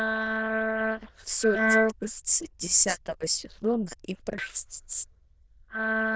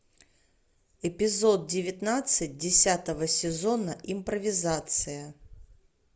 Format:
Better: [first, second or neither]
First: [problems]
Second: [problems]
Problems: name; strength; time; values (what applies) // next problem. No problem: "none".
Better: second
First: noise reduction (neural diffusion model UNIVERSE++)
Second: none